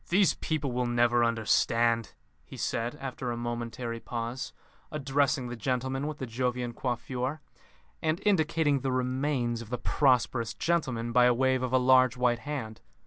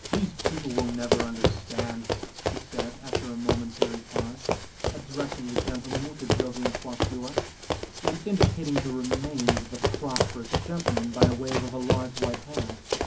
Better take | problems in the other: first | background sound (Run); 4 dB above the speech // room echo; dies away in 0.4 s

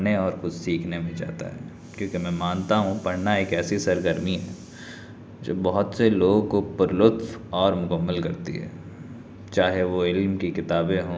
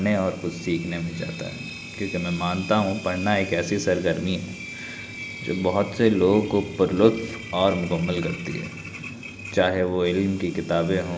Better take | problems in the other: first | background sound (Engine); 15 dB below the speech

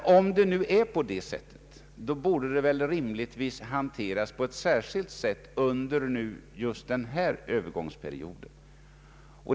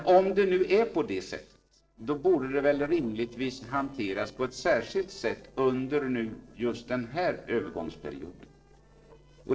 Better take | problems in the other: first | noise reduction (neural separator model SepFormer DNS4)

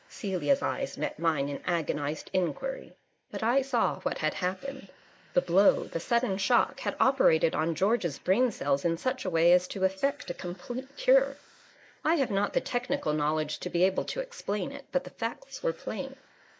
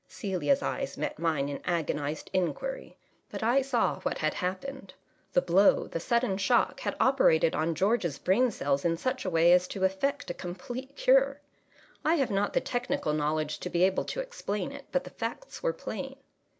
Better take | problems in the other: second | noise reduction (neural mask model Resemble Enhance denoiser)

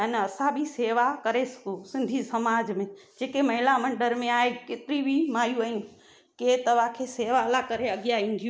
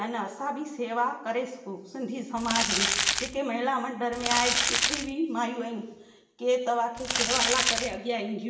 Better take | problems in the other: first | background sound (Crumpling, crinkling); 3 dB above the speech // room echo; dies away in 1 s

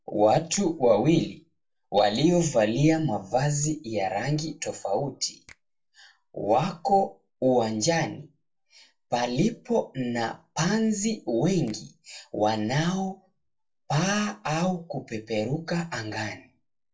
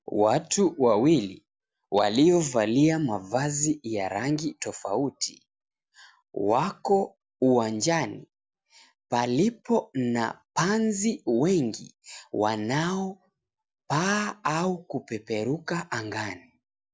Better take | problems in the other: second | noise reduction (neural separator model SepFormer DNS4)

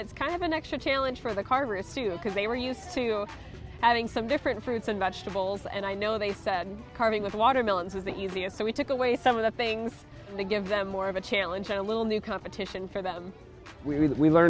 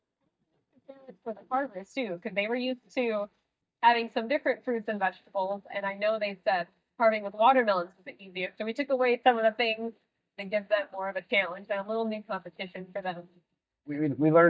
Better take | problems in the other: first | noise reduction (neural mask model DeepFilterNet 3)

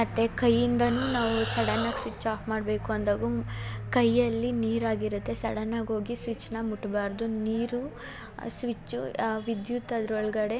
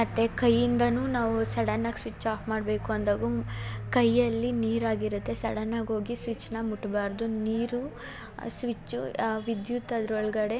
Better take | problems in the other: second | background sound (Animal); 8 dB below the speech

